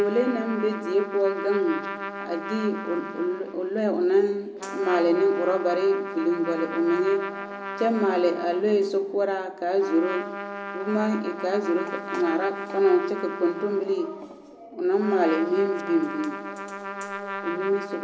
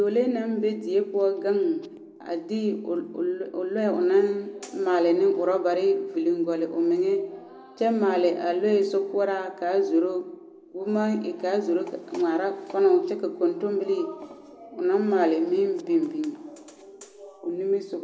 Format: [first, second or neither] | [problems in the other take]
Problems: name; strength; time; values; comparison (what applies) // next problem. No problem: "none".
second | background sound (Trumpet); 10 dB below the speech